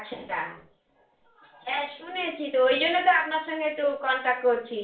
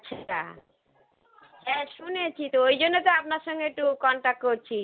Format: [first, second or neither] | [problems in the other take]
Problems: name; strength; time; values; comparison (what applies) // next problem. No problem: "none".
second | room echo; dies away in 0.4 s